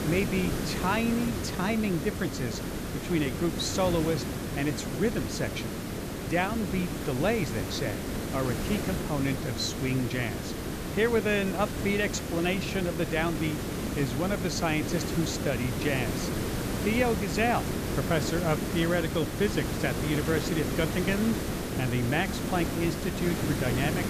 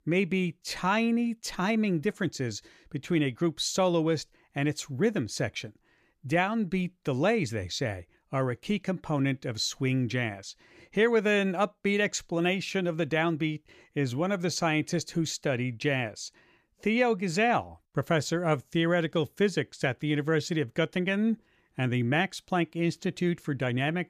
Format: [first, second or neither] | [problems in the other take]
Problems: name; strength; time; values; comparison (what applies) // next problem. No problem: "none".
second | hiss; loud; throughout; 3 dB below the speech